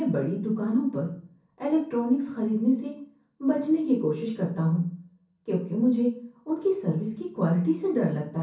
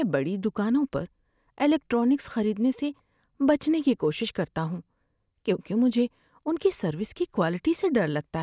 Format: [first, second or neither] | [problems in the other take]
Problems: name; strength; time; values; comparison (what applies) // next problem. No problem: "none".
second | room echo; dies away in 0.6 s